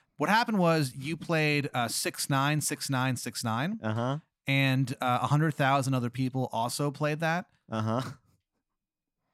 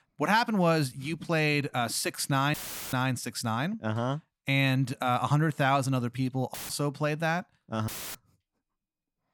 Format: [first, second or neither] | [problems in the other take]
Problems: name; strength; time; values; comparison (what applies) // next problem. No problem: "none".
first | audio cutting out; filled with static; at 2.5 s, at 6.5 s and at 8 s